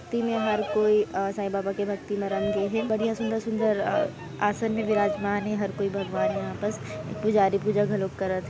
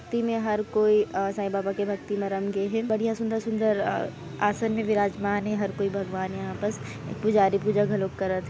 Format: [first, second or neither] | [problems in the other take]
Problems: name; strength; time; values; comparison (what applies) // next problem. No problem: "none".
second | background sound (Bird vocalization, bird call, bird song); 9 dB below the speech